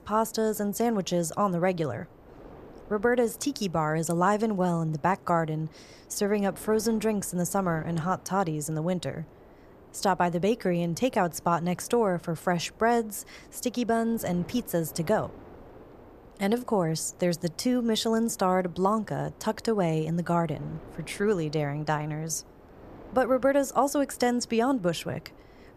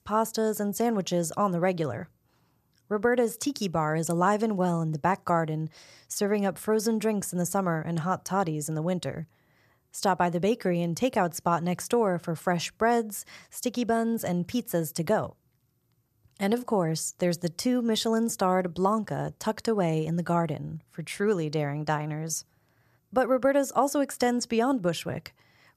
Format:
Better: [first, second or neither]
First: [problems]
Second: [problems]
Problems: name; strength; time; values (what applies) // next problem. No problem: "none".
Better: second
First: wind noise on the microphone; occasional gusts; 25 dB below the speech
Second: none